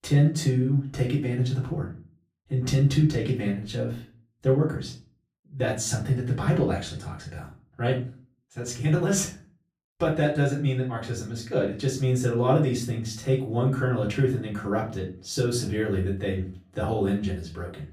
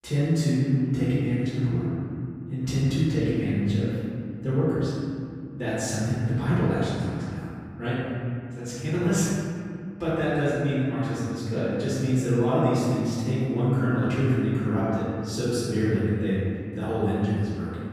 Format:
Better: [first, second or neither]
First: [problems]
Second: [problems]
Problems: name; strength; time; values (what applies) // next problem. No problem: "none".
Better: first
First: room echo; slight; dies away in 0.3 s // off-mic speech; far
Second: room echo; strong; dies away in 2.5 s // off-mic speech; far